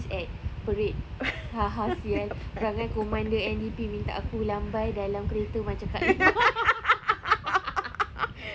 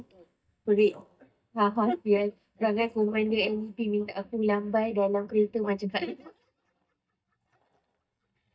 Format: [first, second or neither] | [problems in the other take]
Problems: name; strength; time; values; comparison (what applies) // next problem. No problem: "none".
first | noise reduction (neural mask model DeepFilterNet 3)